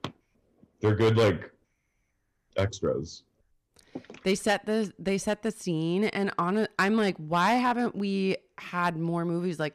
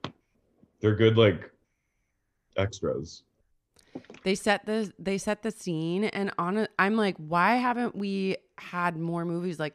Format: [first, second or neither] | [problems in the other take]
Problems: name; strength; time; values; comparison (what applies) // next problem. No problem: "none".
second | distortion; slight; 2% of the sound clipped